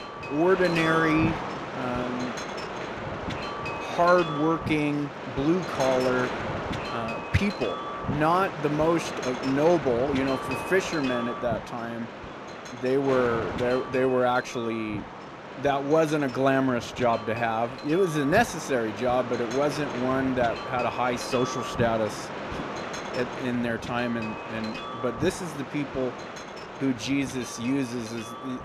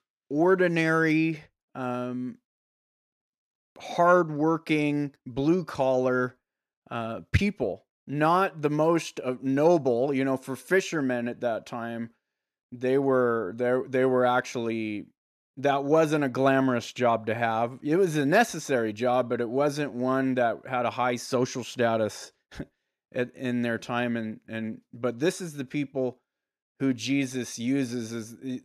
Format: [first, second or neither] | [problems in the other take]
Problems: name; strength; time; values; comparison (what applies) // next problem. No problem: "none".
second | wind noise on the microphone; heavy; 6 dB below the speech